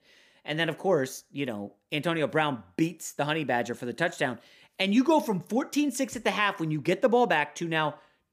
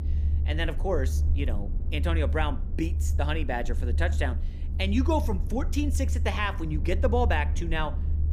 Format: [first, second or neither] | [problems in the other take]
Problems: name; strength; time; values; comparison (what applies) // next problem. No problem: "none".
first | low rumble; noticeable; throughout; 15 dB below the speech